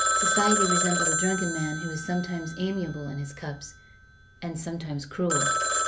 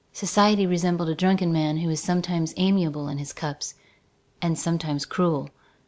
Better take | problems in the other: second | background sound (Telephone); 2 dB above the speech // room echo; dies away in 0.3 s

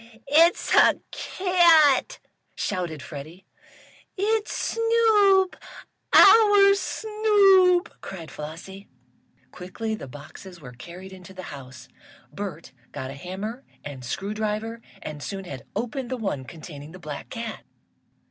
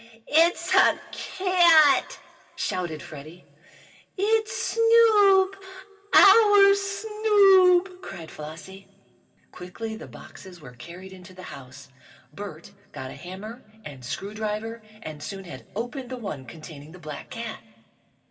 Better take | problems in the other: first | room echo; dies away in 1.4 s

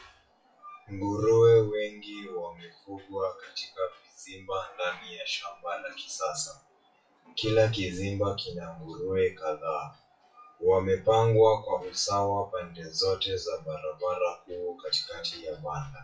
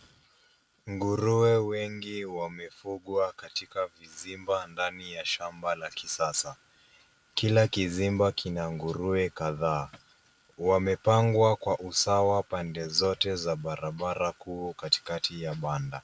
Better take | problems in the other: second | noise reduction (classical method WPE with log-MMSE)

